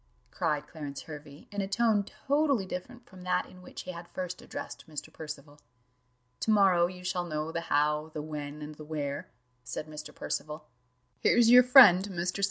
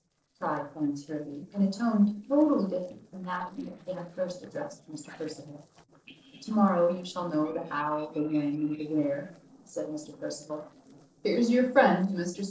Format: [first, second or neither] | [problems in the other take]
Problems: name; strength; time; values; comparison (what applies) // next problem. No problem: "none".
first | noise reduction (neural separator model SepFormer DNS4)